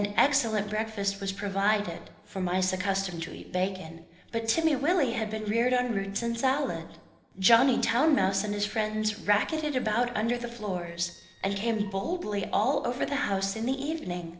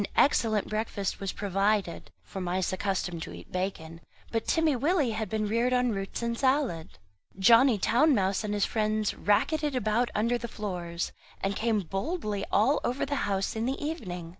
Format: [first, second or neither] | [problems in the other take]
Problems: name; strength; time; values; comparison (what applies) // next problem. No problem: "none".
second | noise reduction (neural separator model SepFormer DNS4)